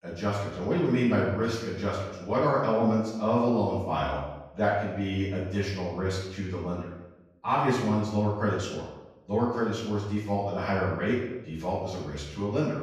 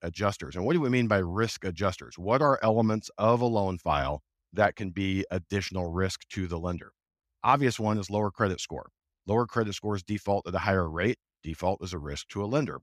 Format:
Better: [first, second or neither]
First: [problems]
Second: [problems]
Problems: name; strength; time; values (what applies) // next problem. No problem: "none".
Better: second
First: off-mic speech; far // room echo; noticeable; dies away in 0.8 s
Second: none